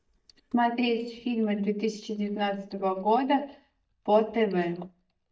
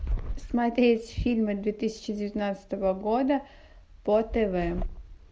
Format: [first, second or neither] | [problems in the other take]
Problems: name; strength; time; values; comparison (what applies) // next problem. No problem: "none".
second | noise reduction (neural mask model DeepFilterNet 3)